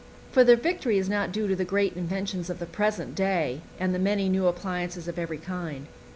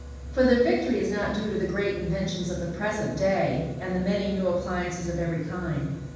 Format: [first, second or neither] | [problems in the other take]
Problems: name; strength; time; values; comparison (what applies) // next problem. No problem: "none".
first | room echo; dies away in 1.2 s